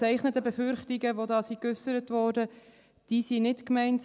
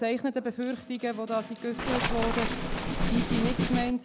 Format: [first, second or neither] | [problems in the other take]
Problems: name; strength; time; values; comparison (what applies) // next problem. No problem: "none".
first | background sound (Snare drum + Waves, surf); as loud as the speech